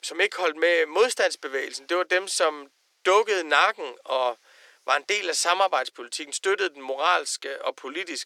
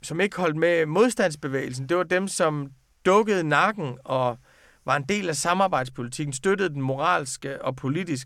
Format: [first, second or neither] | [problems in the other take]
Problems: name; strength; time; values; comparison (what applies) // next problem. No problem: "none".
second | thin; very; fading below 350 Hz